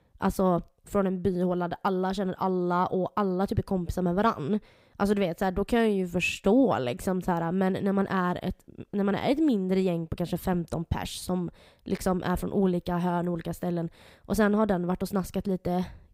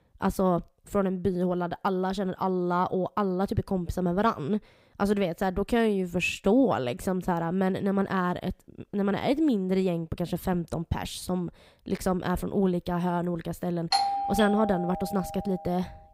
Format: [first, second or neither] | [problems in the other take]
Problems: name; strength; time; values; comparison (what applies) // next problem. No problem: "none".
first | doorbell; loud; from 14 to 15 s; peak 2 dB above the speech